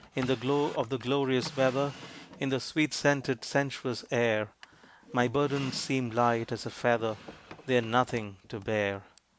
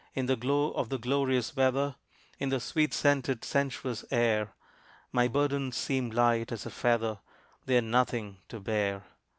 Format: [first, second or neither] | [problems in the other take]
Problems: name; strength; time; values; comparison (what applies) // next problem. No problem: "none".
second | background sound (Drawer open or close); 19 dB below the speech